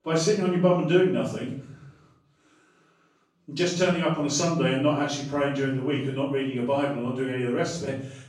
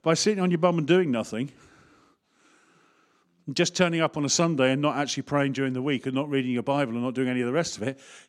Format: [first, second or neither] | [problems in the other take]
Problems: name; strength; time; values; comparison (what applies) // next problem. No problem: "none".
second | off-mic speech; far // room echo; noticeable; dies away in 0.7 s